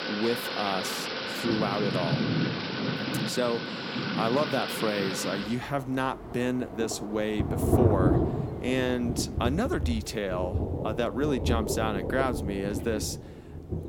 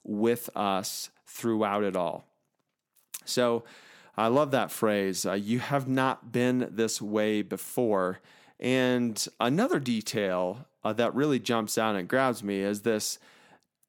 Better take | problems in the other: second | rain or running water; very loud; throughout; as loud as the speech

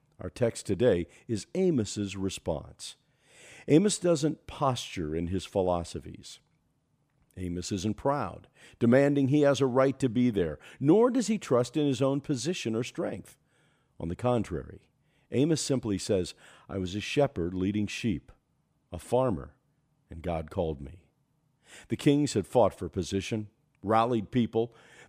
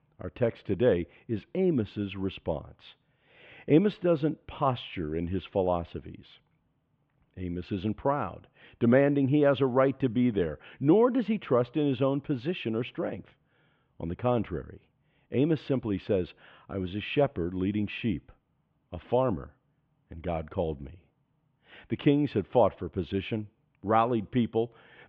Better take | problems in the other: first | muffled; very; fading above 3 kHz

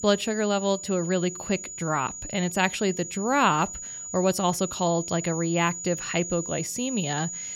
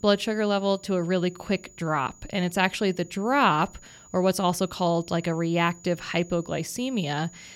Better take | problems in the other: second | high-pitched whine; loud; throughout; 7 kHz, 8 dB below the speech; faint in the second

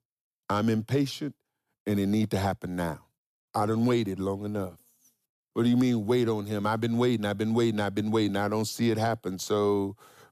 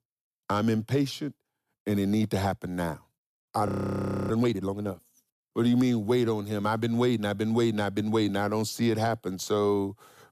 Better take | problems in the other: first | audio freezing; at 3.5 s for 0.5 s

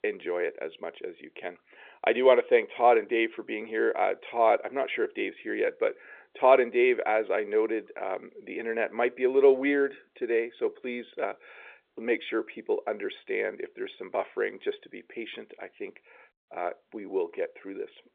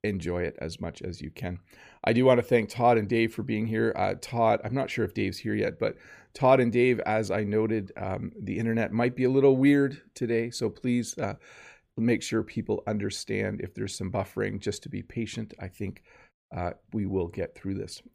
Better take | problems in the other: second | phone-call audio

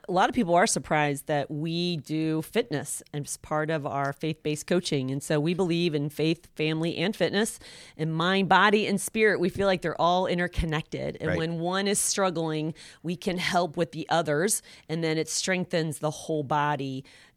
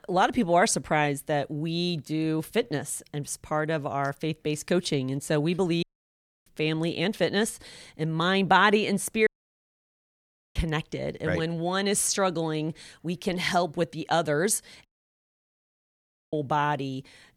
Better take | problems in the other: first | audio cutting out; at 6 s for 0.5 s, at 9.5 s for 1.5 s and at 15 s for 1.5 s

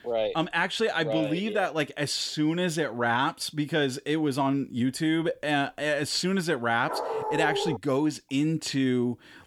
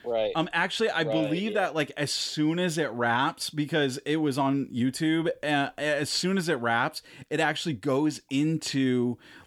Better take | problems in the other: second | dog barking; noticeable; at 7 s; peak 3 dB below the speech

